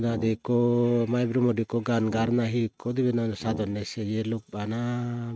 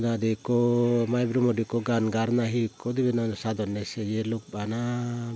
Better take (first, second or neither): second